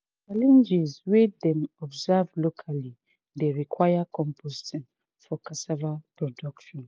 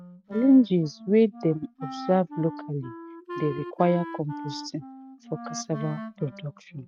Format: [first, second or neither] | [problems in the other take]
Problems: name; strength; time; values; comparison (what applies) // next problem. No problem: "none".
first | noise reduction (neural mask model RNNoise)